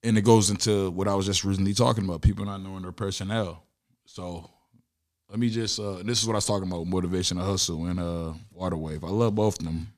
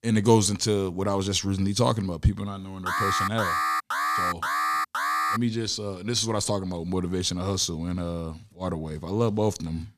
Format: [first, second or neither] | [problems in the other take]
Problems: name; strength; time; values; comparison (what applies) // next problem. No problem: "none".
first | alarm; loud; from 3 to 5.5 s; peak 2 dB above the speech